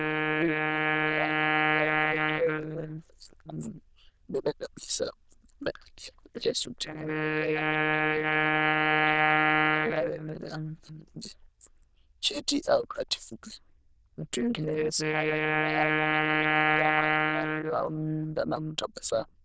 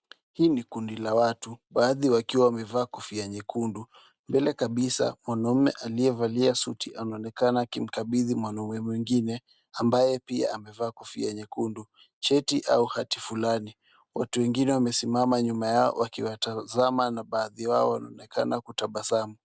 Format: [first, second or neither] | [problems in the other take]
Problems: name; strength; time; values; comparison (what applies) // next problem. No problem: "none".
second | noise reduction (neural diffusion model UNIVERSE++)